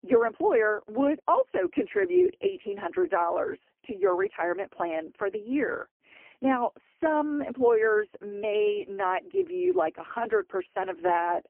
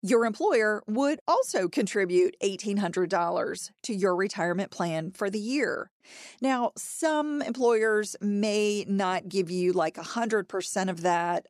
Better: second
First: phone-call audio; poor line; nothing above 3 kHz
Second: none

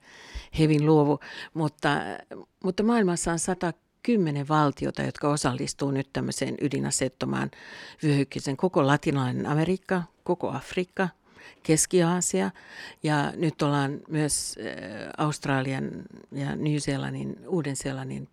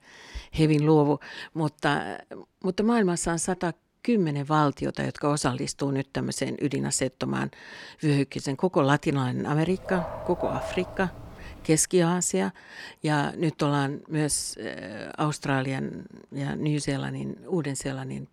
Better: first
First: none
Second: dog barking; noticeable; from 9.5 to 12 s; peak 6 dB below the speech

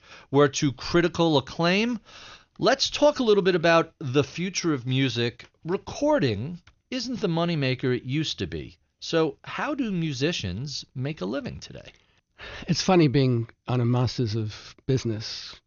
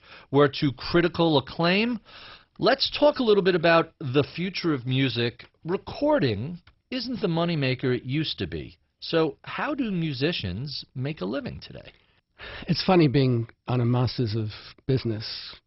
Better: first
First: garbled, watery; slightly; nothing above 6.5 kHz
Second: garbled, watery; badly; nothing above 5.5 kHz

